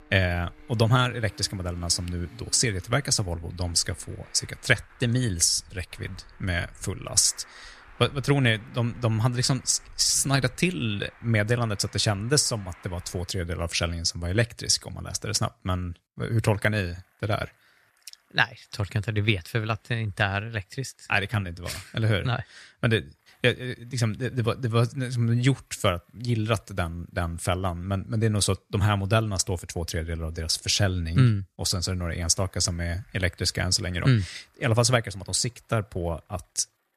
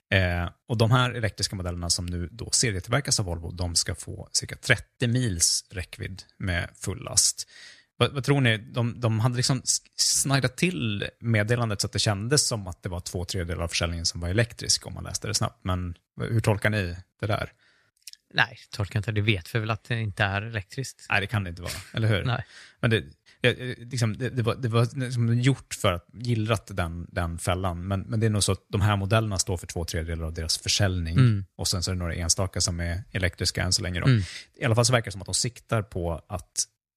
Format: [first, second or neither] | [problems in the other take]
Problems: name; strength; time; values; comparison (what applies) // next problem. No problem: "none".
second | traffic noise; faint; throughout; 25 dB below the speech